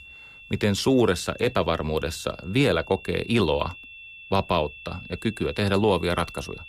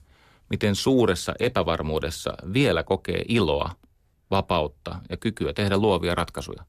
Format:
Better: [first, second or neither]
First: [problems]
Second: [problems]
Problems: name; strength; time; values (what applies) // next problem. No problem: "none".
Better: second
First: high-pitched whine; noticeable; throughout; 2.5 kHz, 15 dB below the speech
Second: none